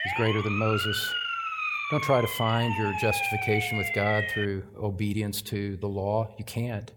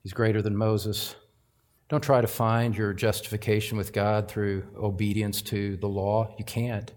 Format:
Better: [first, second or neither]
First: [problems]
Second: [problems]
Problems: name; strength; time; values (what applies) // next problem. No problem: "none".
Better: second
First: siren; loud; until 4.5 s; peak 2 dB above the speech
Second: none